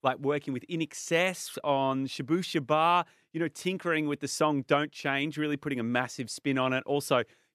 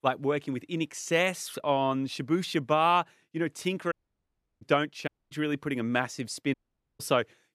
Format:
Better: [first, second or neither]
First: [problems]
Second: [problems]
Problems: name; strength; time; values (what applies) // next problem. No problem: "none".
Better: first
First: none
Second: audio cutting out; at 4 s for 0.5 s, at 5 s and at 6.5 s